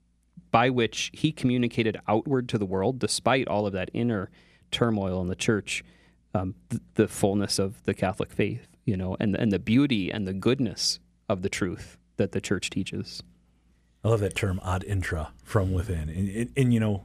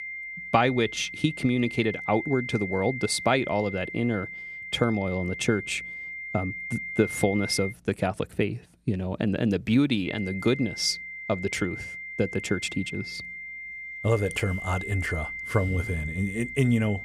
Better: first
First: none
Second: high-pitched whine; loud; until 7.5 s and from 10 s on; 2 kHz, 8 dB below the speech

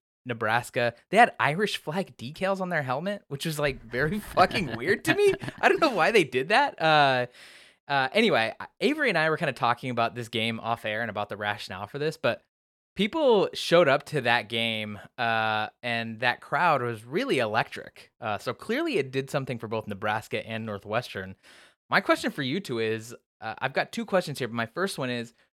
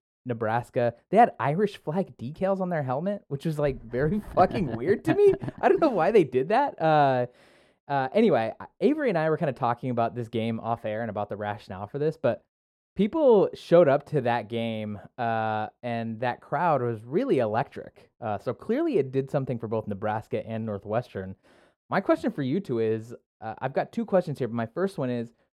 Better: first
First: none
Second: muffled; slightly; fading above 1 kHz

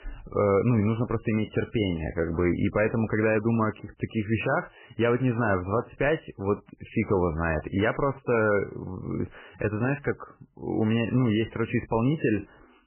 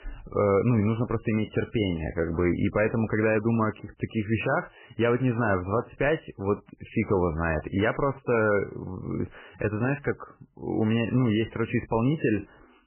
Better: neither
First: garbled, watery; badly; nothing above 3 kHz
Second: garbled, watery; badly; nothing above 3 kHz

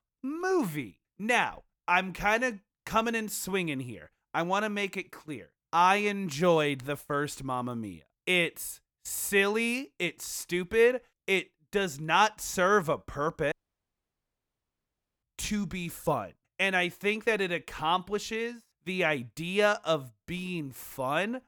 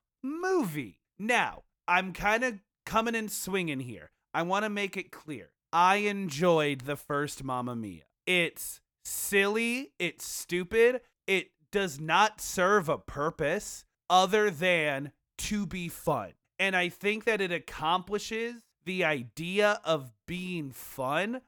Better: second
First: audio cutting out; at 14 s for 1.5 s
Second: none

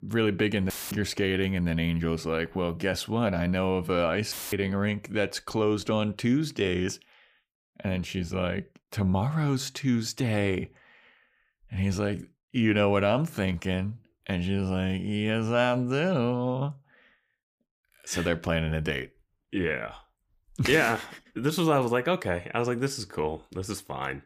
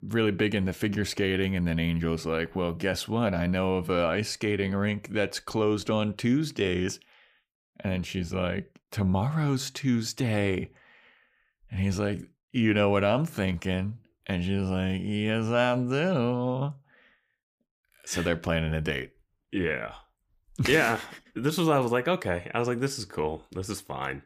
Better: second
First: audio cutting out; filled with static; at 0.5 s and at 4.5 s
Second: none

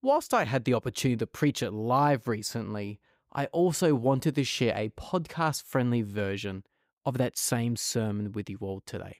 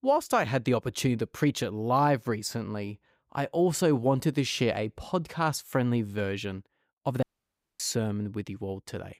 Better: first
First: none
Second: audio cutting out; at 7 s for 0.5 s

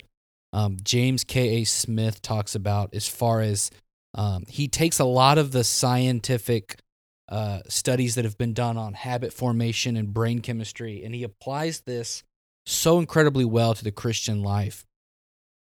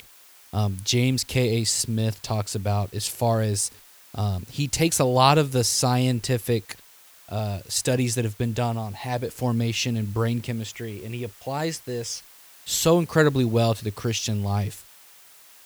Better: first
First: none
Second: hiss; faint; throughout; 25 dB below the speech

